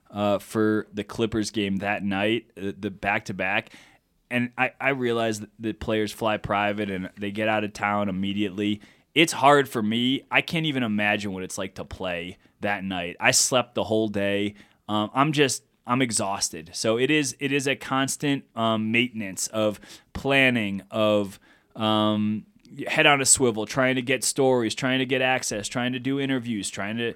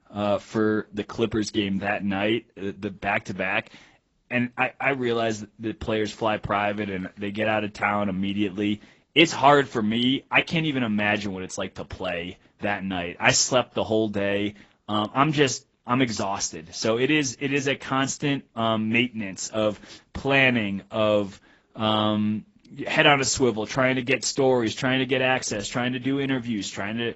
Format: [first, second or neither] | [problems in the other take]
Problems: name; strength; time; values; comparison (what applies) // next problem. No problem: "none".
first | garbled, watery; badly; nothing above 7.5 kHz